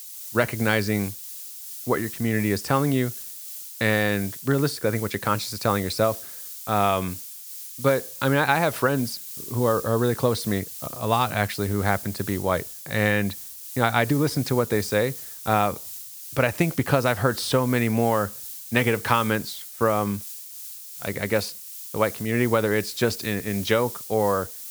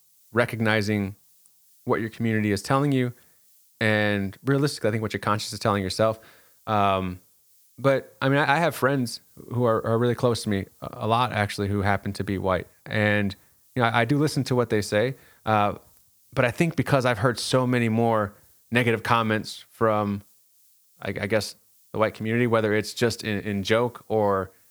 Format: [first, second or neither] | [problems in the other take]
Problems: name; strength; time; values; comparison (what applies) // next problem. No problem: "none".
second | hiss; loud; throughout; 9 dB below the speech; faint in the second